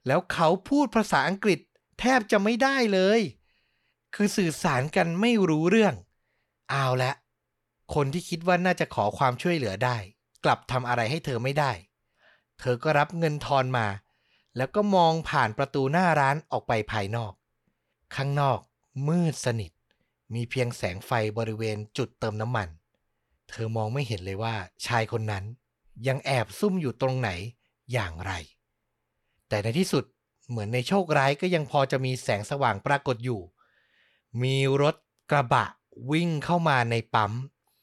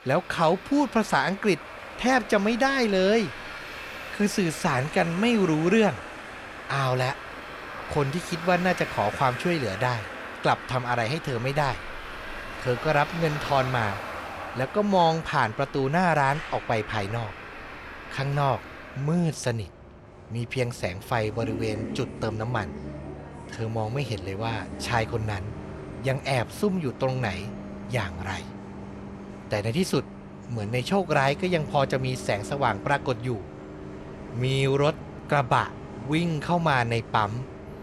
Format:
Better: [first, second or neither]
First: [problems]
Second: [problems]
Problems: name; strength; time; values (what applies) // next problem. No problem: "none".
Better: first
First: none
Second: traffic noise; noticeable; throughout; 10 dB below the speech